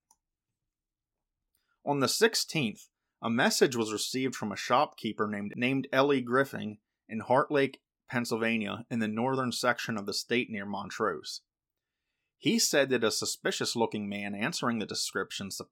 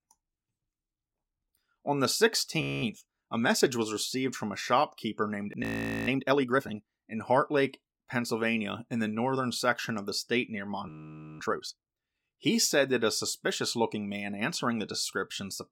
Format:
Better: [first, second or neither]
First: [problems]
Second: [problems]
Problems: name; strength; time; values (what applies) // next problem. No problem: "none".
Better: first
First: none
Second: audio freezing; at 2.5 s, at 5.5 s and at 11 s for 0.5 s